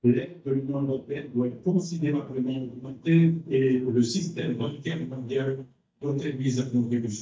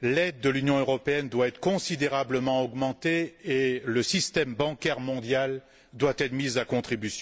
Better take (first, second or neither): second